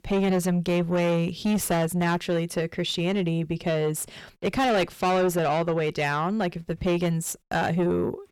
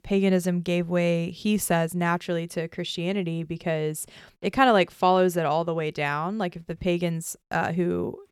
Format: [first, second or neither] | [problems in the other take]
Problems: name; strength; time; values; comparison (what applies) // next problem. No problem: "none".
second | distortion; heavy; 7 dB below the speech